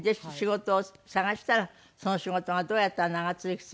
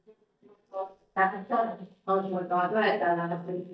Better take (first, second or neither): first